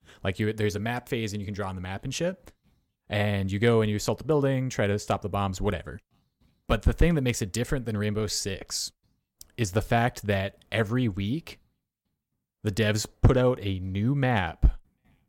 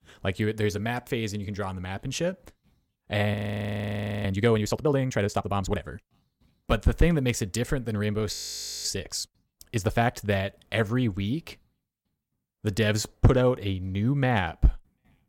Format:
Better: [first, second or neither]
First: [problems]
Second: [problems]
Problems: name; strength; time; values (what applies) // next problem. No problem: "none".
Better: first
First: none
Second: audio freezing; at 3.5 s for 1 s and at 8.5 s for 0.5 s